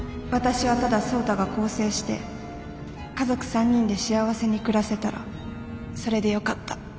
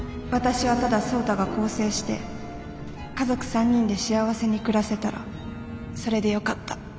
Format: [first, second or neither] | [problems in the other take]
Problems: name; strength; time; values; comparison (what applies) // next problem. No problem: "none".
first | background sound (Gong); 16 dB below the speech